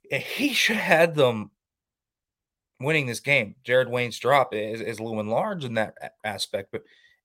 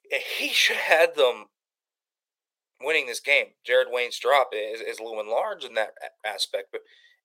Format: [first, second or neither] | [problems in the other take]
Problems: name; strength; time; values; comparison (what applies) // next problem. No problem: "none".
first | thin; very; fading below 450 Hz